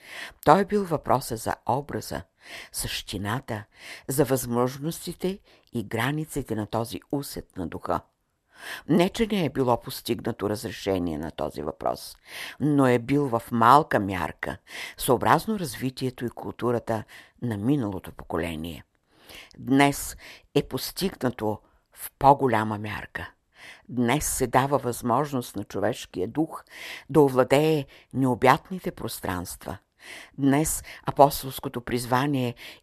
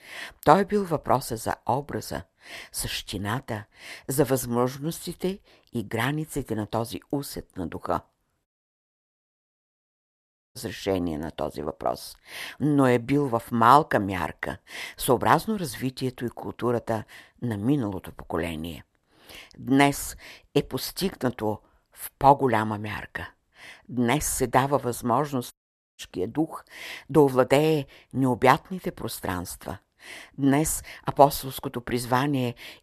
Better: first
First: none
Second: audio cutting out; at 8.5 s for 2 s and at 26 s

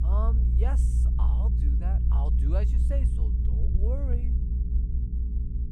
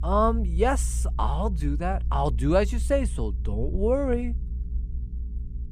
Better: second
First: low rumble; loud; throughout; 3 dB below the speech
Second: low rumble; faint; throughout; 20 dB below the speech

